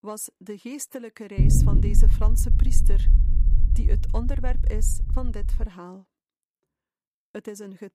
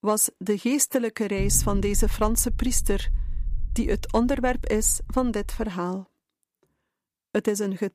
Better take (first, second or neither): second